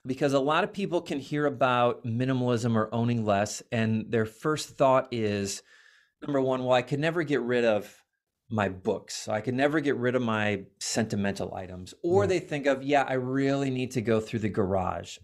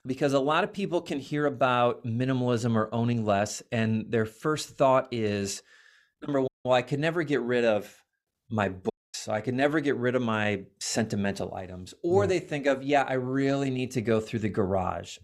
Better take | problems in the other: first | audio cutting out; at 6.5 s and at 9 s

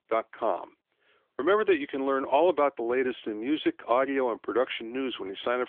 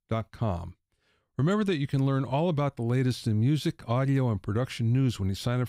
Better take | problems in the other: second | phone-call audio; nothing above 3.5 kHz

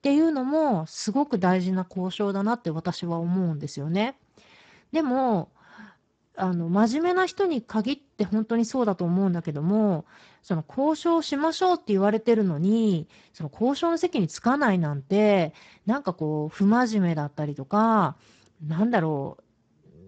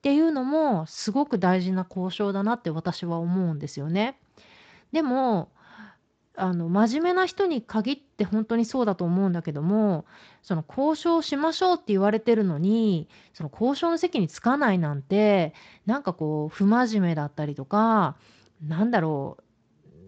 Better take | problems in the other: second | garbled, watery; badly; nothing above 8 kHz; slightly in the second

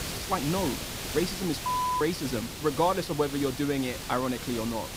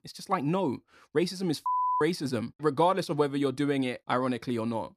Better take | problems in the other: second | hiss; loud; throughout; 6 dB below the speech

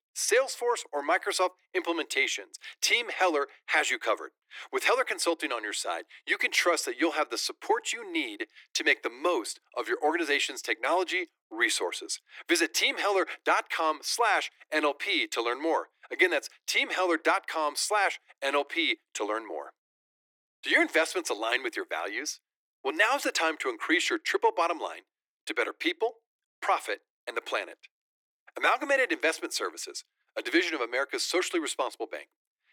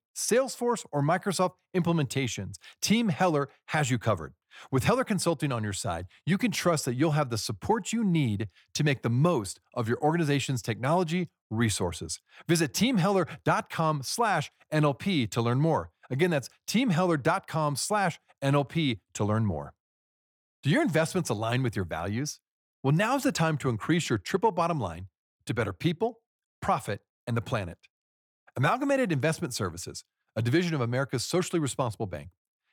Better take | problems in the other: second | thin; very; fading below 300 Hz

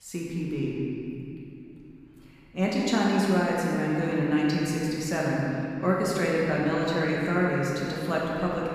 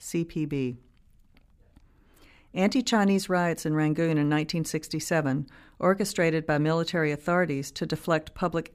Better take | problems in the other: second | room echo; strong; dies away in 2.7 s // off-mic speech; far

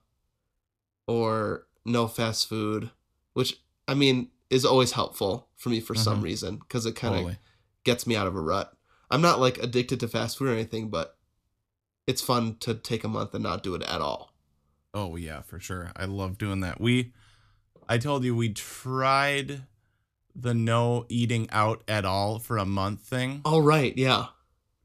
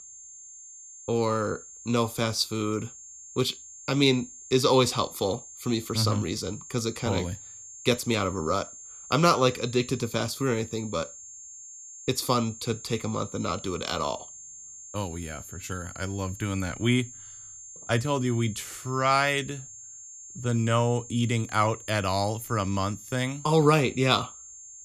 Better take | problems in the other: first | high-pitched whine; noticeable; throughout; 7 kHz, 15 dB below the speech

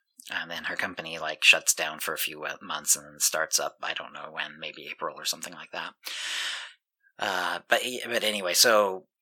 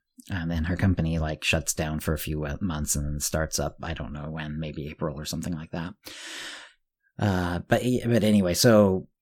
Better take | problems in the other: second | thin; very; fading below 800 Hz

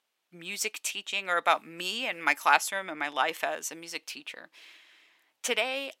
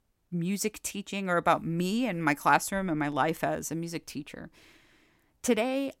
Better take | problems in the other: second | thin; very; fading below 600 Hz

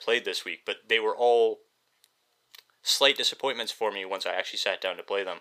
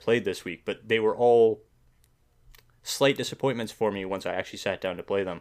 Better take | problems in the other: second | thin; somewhat; fading below 550 Hz

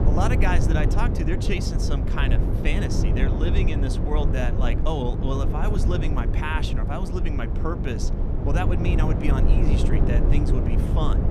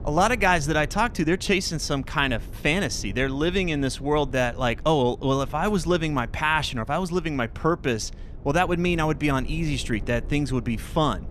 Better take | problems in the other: second | low rumble; loud; throughout; 3 dB below the speech; faint in the second

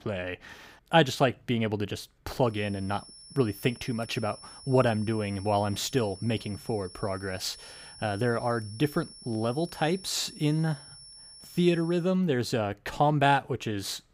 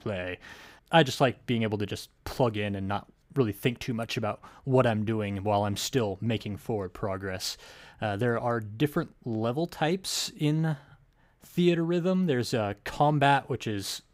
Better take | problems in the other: second | high-pitched whine; noticeable; from 2.5 to 12 s; 5.5 kHz, 20 dB below the speech

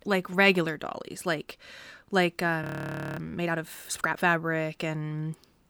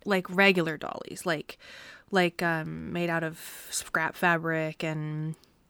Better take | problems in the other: second | audio freezing; at 2.5 s for 0.5 s

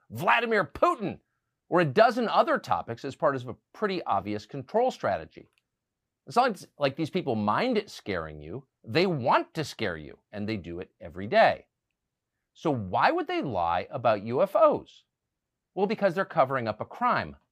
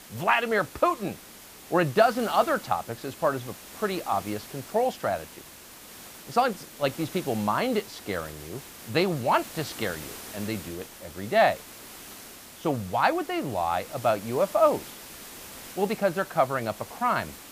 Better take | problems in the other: first | hiss; noticeable; throughout; 15 dB below the speech

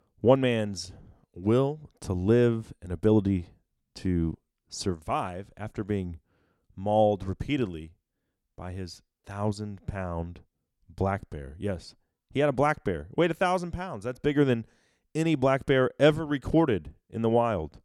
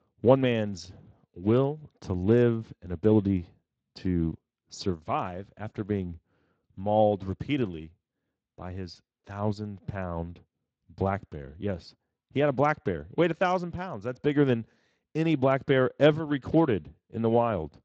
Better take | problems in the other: first | garbled, watery; slightly

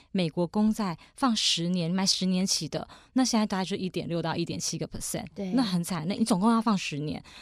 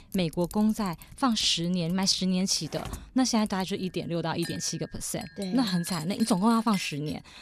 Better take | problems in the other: first | household noises; noticeable; throughout; 15 dB below the speech

